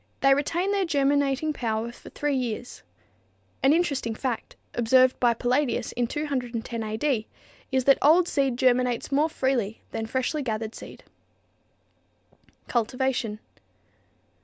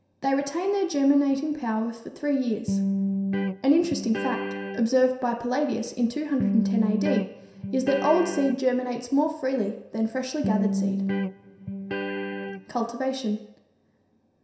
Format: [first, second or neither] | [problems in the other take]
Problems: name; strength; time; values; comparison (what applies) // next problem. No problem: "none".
first | background sound (Electric guitar); 2 dB below the speech // room echo; dies away in 0.7 s